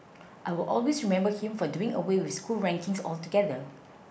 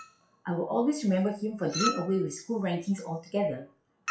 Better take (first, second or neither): first